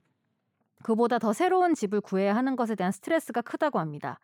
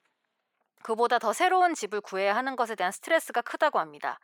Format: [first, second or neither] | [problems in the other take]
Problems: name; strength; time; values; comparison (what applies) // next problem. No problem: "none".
first | thin; very; fading below 600 Hz